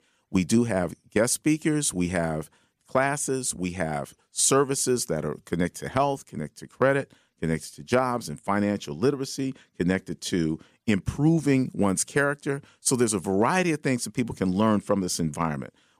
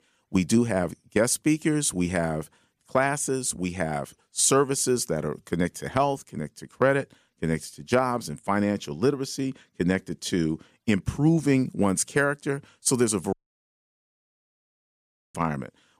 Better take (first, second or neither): first